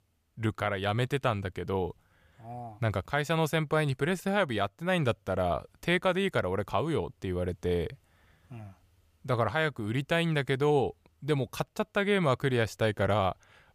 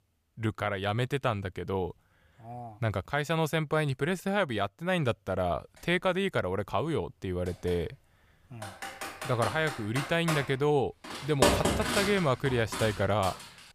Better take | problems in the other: first | keyboard typing; loud; from 8.5 s on; peak 6 dB above the speech

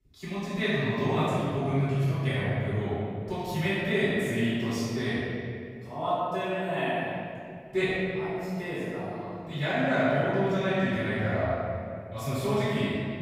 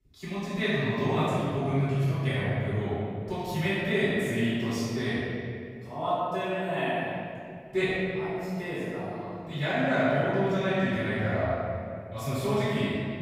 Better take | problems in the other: neither | off-mic speech; far; the same in both // room echo; strong; dies away in 2.3 s; the same in both

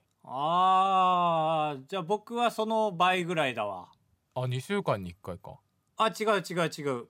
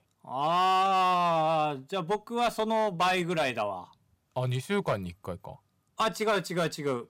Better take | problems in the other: first | distortion; slight; 8% of the sound clipped

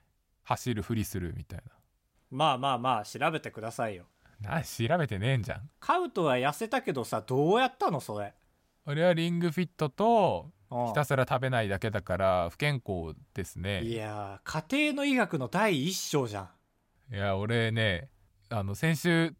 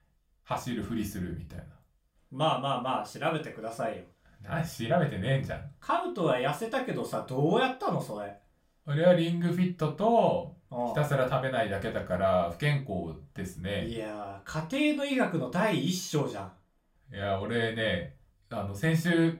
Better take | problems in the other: first | off-mic speech; somewhat distant // room echo; very slight; dies away in 0.3 s

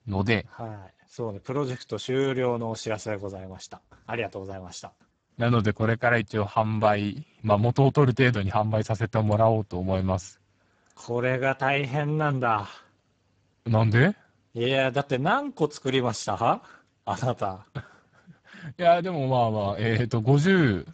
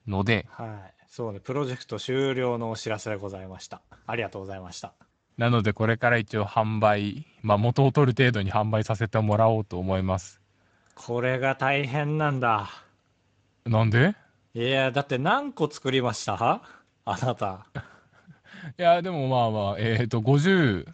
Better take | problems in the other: second | garbled, watery; badly; nothing above 7.5 kHz; slightly in the second

